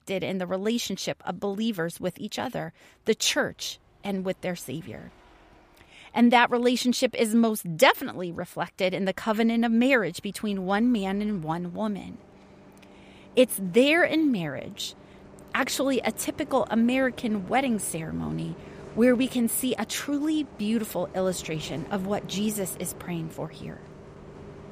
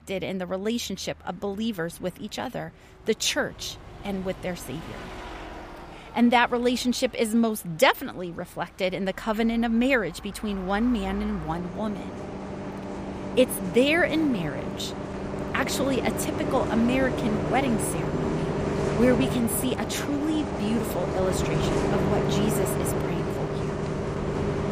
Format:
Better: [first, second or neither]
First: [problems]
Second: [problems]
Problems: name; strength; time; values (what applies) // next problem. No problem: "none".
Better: first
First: traffic noise; faint; throughout; 20 dB below the speech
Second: traffic noise; loud; throughout; 3 dB below the speech